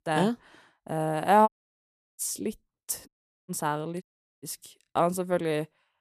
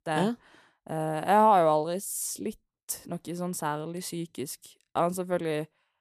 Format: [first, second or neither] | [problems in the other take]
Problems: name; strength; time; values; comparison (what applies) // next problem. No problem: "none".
second | audio cutting out; at 1.5 s for 0.5 s, at 3 s and at 4 s